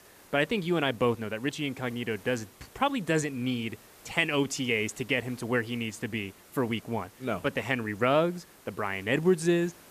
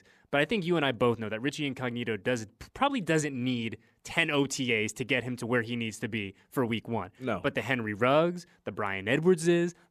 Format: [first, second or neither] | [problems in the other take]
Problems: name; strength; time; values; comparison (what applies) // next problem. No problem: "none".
second | hiss; faint; throughout; 25 dB below the speech